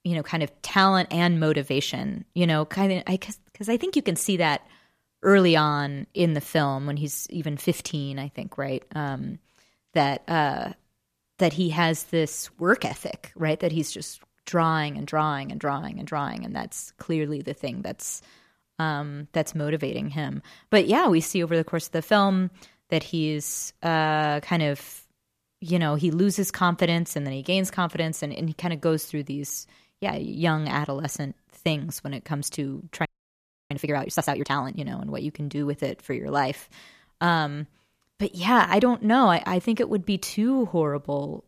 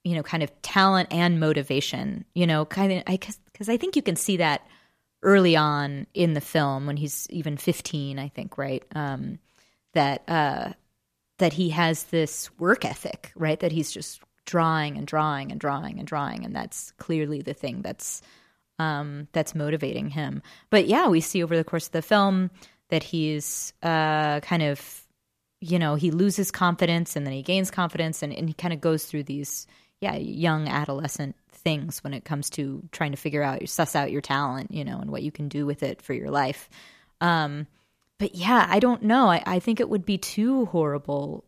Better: second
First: audio freezing; at 33 s for 0.5 s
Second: none

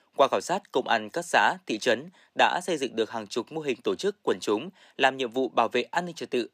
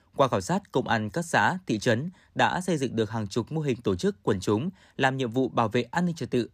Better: second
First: thin; somewhat; fading below 400 Hz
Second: none

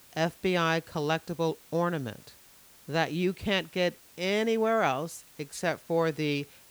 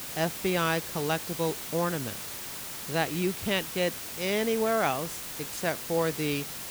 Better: first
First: hiss; faint; throughout; 25 dB below the speech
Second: hiss; loud; throughout; 6 dB below the speech

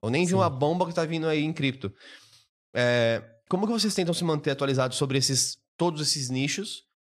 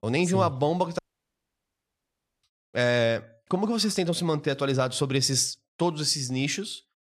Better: first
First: none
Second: audio cutting out; at 1 s for 1.5 s

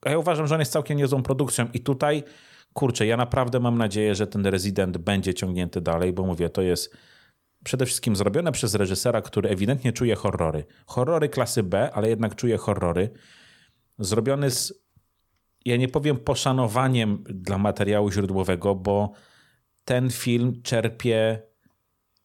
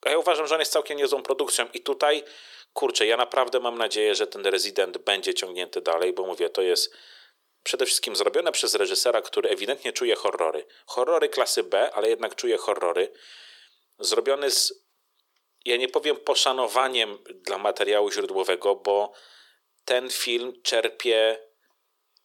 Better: first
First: none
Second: thin; very; fading below 350 Hz

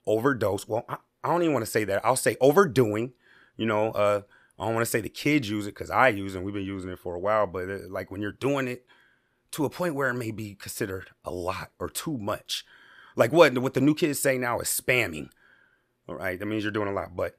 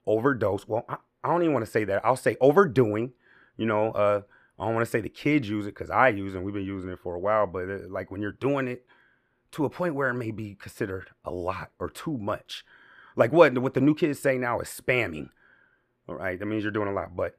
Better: first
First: none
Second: muffled; slightly; fading above 3.5 kHz

